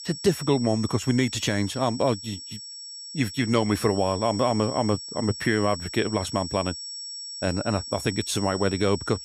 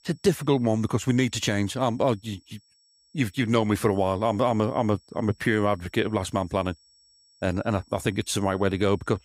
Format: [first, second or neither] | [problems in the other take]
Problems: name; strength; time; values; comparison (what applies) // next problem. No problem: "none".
second | high-pitched whine; loud; throughout; 5.5 kHz, 10 dB below the speech; faint in the second